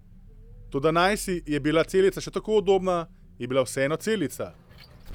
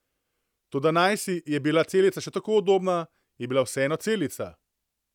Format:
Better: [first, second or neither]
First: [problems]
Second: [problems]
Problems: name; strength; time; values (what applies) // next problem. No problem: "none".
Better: second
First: background sound (Vehicle); 20 dB below the speech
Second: none